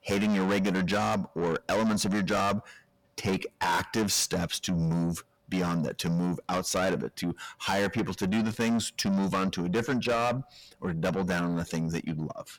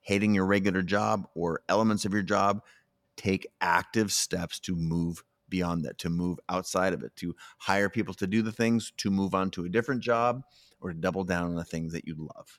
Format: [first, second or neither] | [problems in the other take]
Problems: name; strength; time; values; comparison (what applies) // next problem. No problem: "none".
second | distortion; heavy; 6 dB below the speech